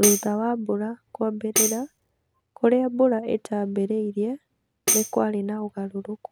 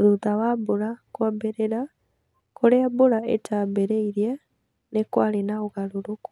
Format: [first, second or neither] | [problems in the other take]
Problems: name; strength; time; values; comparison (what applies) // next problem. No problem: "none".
second | background sound (Tambourine); 4 dB below the speech